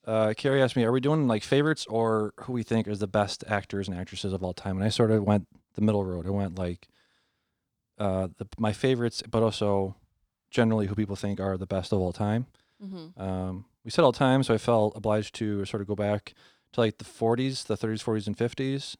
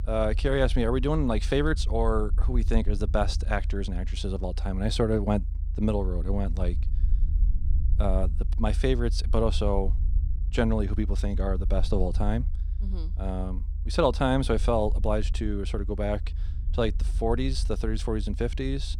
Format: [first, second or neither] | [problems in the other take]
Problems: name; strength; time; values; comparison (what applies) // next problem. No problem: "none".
first | low rumble; faint; throughout; 20 dB below the speech